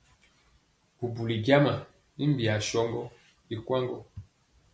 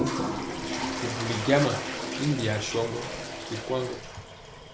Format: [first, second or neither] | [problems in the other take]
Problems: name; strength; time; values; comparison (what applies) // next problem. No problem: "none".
first | background sound (Toilet flush); 3 dB below the speech